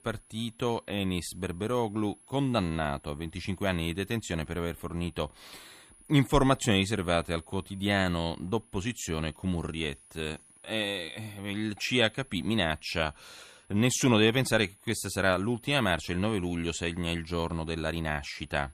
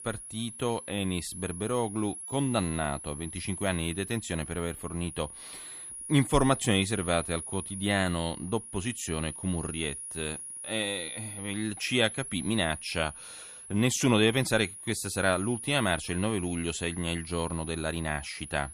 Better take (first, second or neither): first